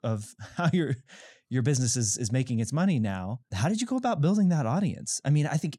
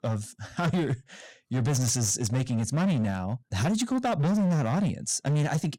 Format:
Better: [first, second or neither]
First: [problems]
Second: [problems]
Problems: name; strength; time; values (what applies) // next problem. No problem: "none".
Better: first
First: none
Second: distortion; slight; 20% of the sound clipped